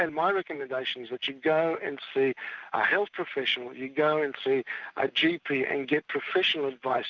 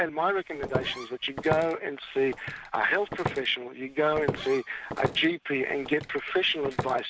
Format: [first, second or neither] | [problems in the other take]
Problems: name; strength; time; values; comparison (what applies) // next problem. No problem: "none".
first | background sound (Walk, footsteps); 9 dB below the speech